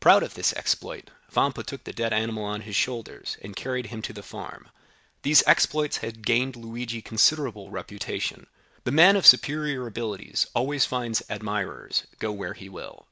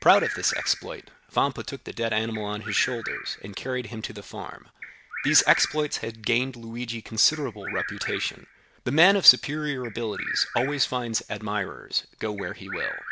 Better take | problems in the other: first | background sound (Bird vocalization, bird call, bird song); 10 dB below the speech

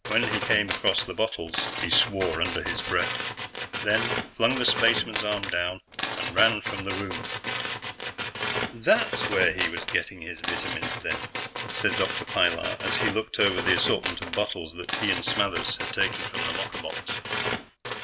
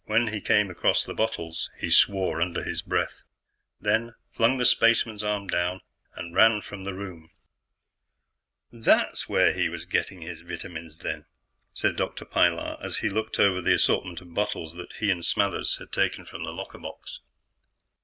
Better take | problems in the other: second | background sound (Tools); 4 dB below the speech

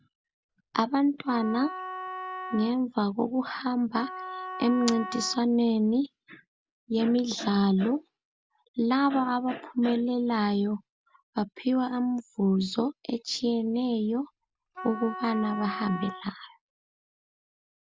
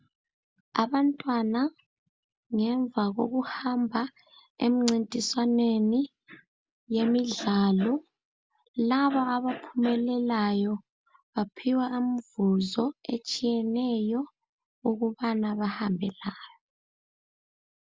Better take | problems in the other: second | background sound (Wind instrument, woodwind instrument); 11 dB below the speech

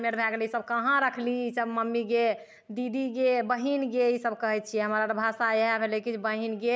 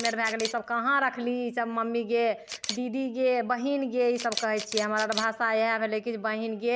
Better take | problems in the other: first | background sound (Camera); 13 dB below the speech

